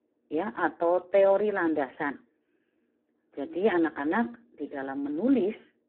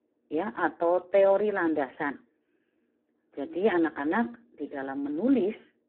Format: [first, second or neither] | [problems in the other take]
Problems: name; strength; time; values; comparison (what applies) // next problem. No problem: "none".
neither | phone-call audio; poor line; the same in both